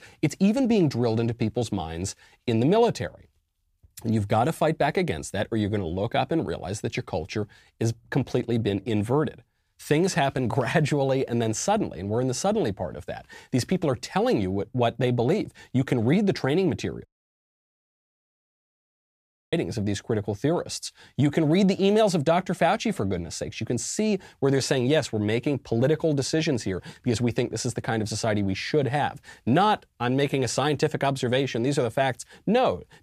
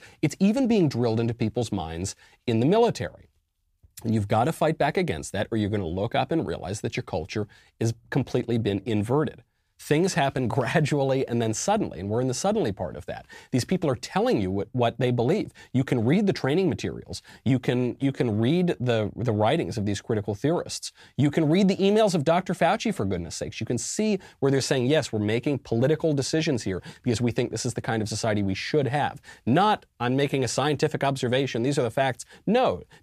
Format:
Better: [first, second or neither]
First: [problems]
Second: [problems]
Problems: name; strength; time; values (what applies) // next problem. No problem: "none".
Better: second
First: audio cutting out; at 17 s for 2.5 s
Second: none